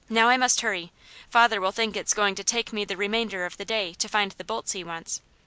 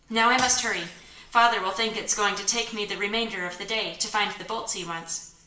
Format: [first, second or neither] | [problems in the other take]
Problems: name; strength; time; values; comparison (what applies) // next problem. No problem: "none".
first | background sound (Shatter / Crushing); 15 dB below the speech // room echo; dies away in 0.8 s